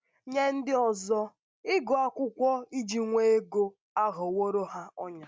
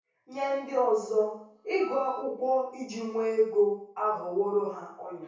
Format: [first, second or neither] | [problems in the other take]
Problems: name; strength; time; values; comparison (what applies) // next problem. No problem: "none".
first | background sound (Wind instrument, woodwind instrument); 18 dB below the speech // room echo; dies away in 0.6 s